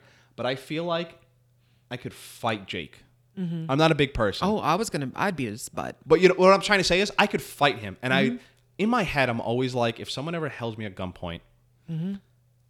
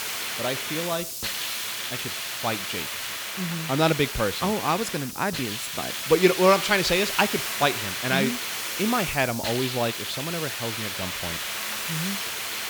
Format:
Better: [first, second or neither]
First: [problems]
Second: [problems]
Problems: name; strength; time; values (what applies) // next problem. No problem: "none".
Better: first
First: none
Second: hiss; loud; throughout; 3 dB below the speech